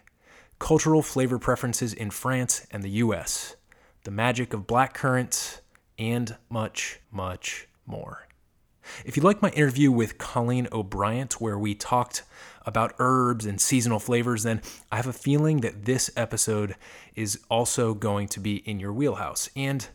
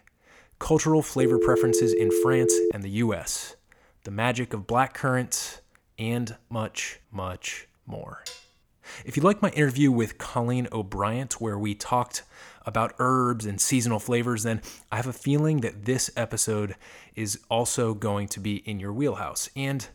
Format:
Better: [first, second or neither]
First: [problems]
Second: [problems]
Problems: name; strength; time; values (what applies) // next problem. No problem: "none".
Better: first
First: none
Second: phone ringing; loud; from 1 to 2.5 s; peak 4 dB above the speech // clattering dishes; faint; at 8.5 s; peak 15 dB below the speech